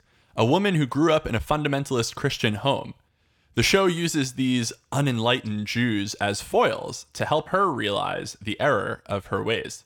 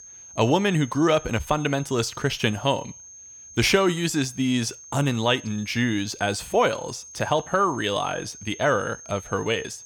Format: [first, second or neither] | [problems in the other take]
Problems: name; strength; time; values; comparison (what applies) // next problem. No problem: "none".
first | high-pitched whine; noticeable; throughout; 6.5 kHz, 15 dB below the speech